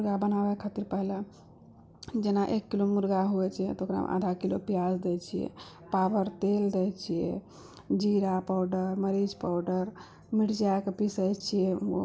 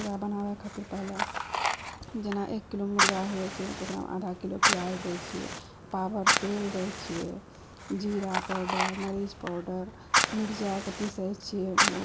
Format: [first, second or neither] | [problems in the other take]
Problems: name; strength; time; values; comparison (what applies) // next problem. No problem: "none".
first | background sound (Fire); 1 dB above the speech